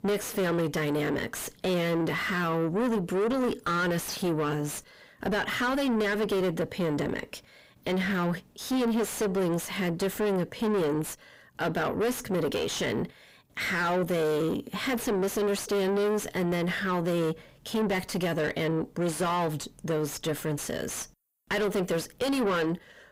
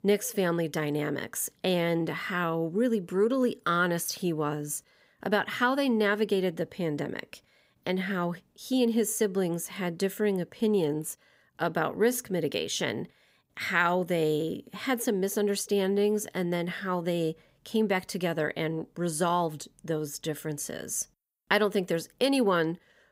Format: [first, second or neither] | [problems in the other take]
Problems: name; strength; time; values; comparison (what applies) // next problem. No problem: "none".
second | distortion; heavy; 5 dB below the speech